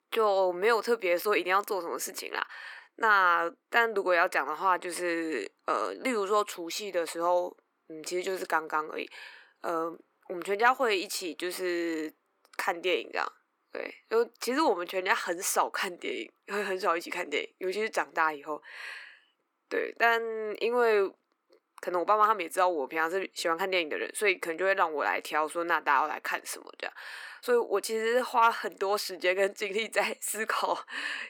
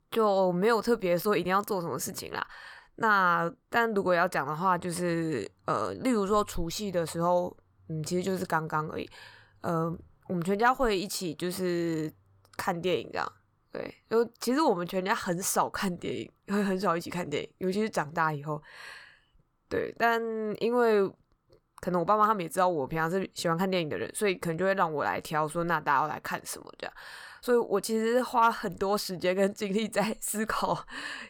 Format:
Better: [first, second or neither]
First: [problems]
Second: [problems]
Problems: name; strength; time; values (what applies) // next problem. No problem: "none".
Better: second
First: thin; somewhat; fading below 300 Hz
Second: none